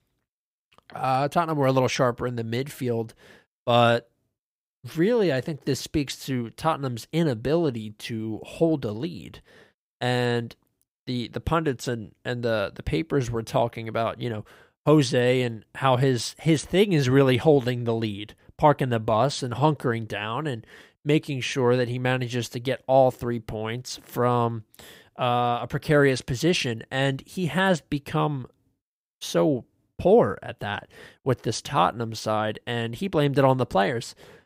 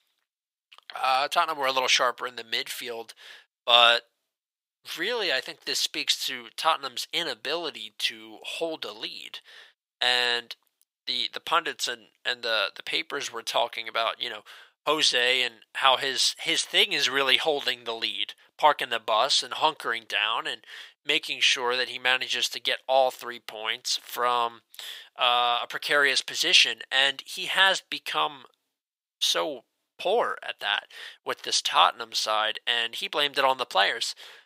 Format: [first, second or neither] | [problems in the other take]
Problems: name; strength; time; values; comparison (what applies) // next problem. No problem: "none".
first | thin; very; fading below 950 Hz